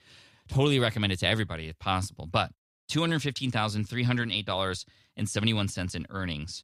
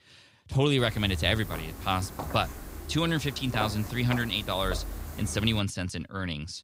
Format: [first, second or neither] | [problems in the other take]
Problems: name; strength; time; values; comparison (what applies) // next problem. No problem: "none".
first | footsteps; noticeable; from 1 to 5.5 s; peak 7 dB below the speech